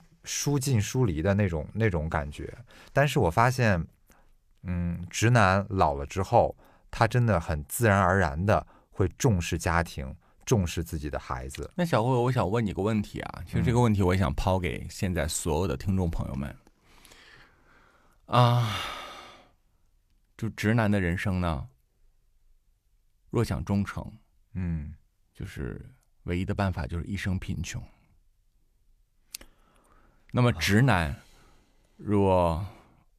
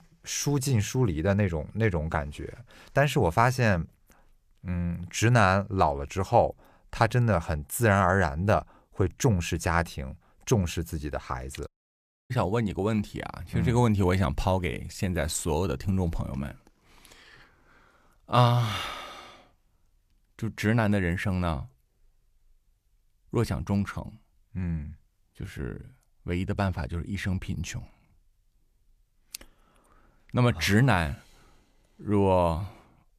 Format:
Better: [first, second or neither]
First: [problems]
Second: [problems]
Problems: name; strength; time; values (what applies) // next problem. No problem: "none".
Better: first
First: none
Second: audio cutting out; at 12 s for 0.5 s